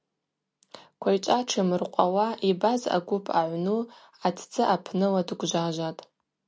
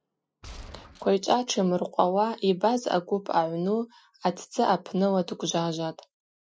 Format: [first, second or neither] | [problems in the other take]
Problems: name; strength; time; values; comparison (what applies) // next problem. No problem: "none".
first | noise reduction (classical method Wiener filter)